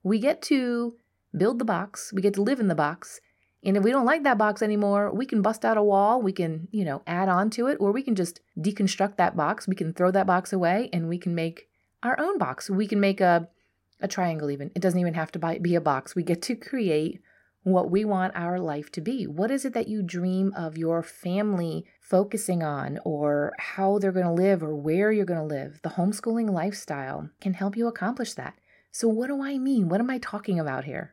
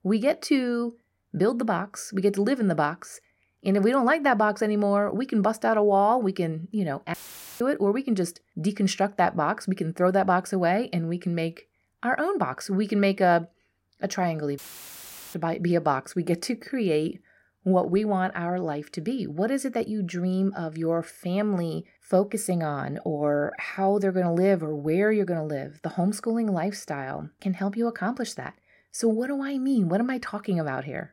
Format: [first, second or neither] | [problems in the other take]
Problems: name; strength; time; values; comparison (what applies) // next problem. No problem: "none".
first | audio cutting out; filled with static; at 7 s and at 15 s for 1 s